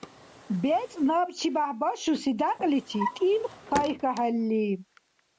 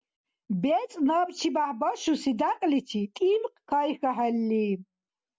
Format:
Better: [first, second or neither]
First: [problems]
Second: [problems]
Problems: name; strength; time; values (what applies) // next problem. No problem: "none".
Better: second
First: background sound (Drawer open or close); 14 dB below the speech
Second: none